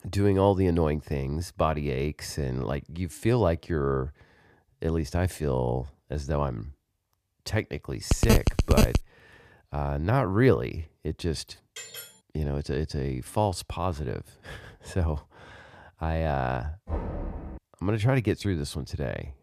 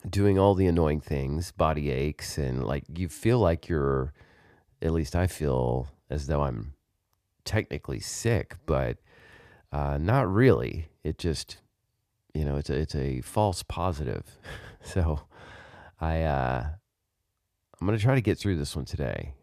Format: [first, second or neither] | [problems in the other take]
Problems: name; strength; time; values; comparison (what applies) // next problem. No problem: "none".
second | phone ringing; loud; at 8 s; peak 5 dB above the speech // clattering dishes; faint; at 12 s; peak 10 dB below the speech // door banging; noticeable; at 17 s; peak 5 dB below the speech